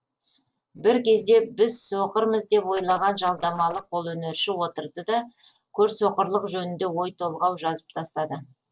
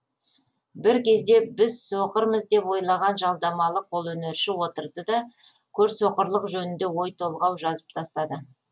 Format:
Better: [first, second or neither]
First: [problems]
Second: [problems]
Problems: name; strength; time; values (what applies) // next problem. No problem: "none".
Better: second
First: noise reduction (neural separator model SepFormer DNS4)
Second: none